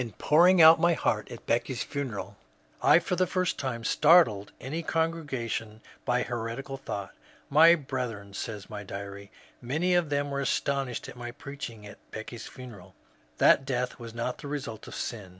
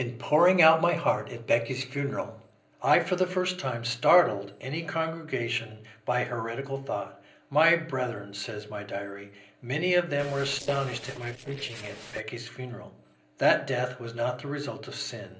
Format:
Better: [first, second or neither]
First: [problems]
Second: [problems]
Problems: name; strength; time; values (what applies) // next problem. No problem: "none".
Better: first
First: none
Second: noise reduction (neural separator model SepFormer DNS4)